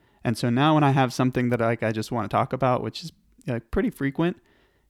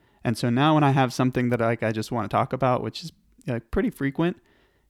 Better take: neither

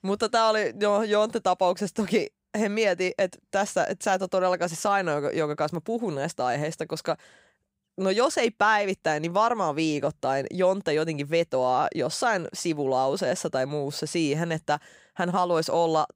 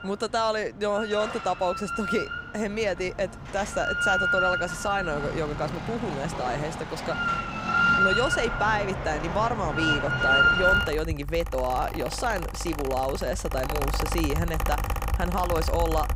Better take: first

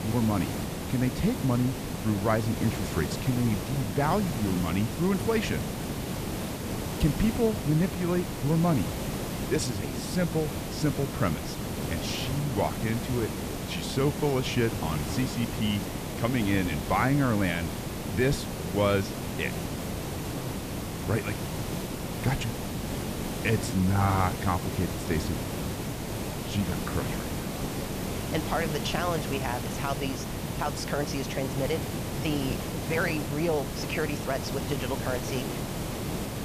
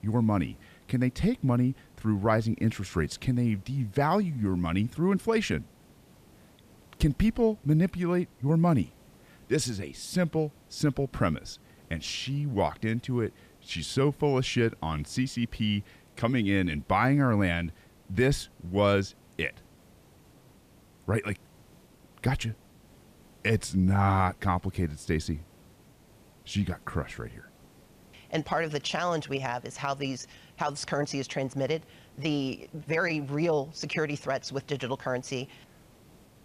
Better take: second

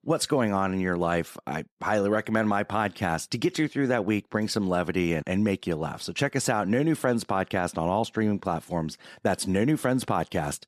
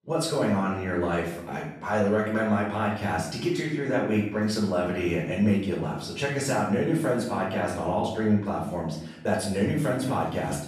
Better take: first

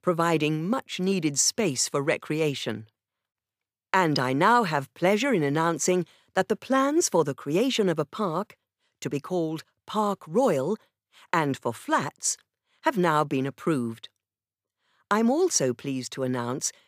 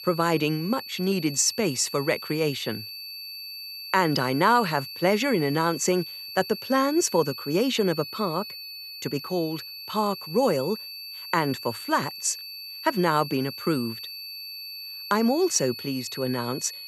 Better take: first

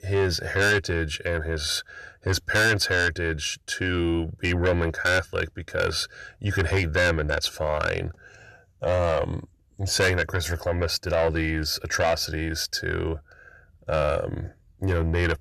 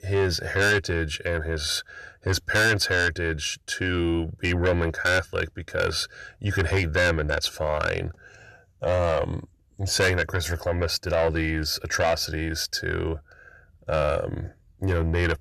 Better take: neither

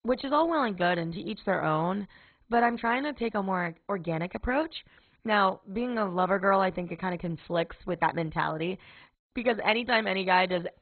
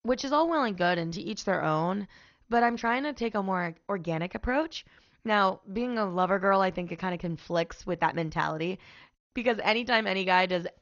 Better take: second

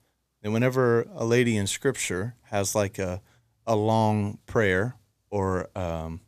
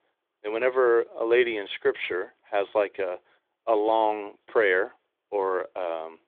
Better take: first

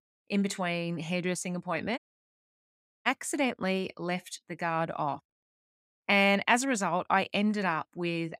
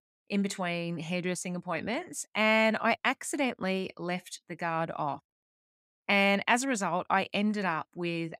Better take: second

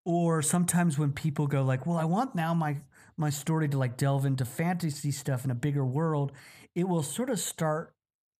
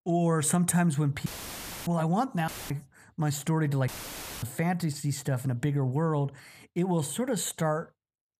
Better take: first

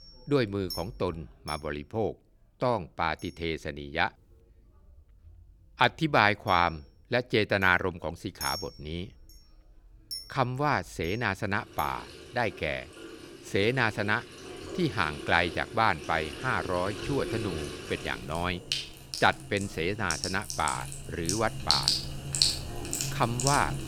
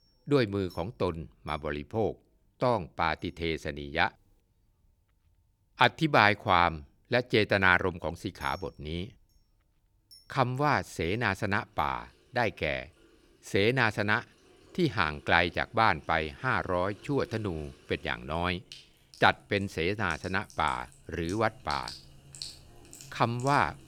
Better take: second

